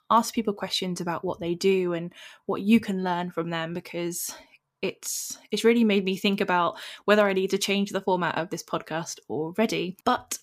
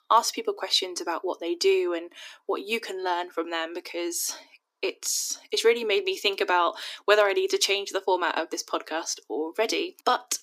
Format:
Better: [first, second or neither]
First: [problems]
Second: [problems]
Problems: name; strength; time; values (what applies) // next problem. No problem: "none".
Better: first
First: none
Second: thin; very; fading below 300 Hz